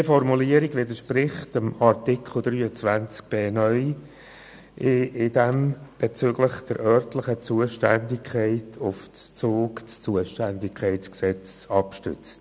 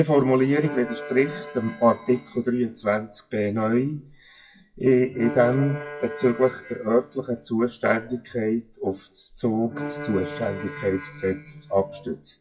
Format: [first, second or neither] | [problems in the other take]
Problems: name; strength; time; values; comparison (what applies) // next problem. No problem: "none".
first | noise reduction (classical method WPE with log-MMSE)